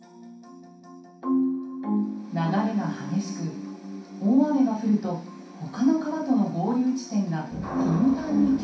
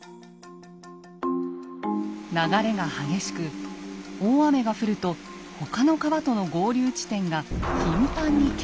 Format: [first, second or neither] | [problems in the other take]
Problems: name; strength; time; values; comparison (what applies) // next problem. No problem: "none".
second | room echo; dies away in 0.6 s